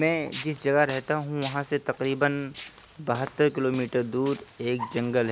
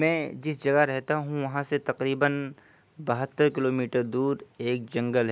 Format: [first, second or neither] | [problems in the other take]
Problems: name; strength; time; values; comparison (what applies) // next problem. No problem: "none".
second | background sound (Walk, footsteps); 17 dB below the speech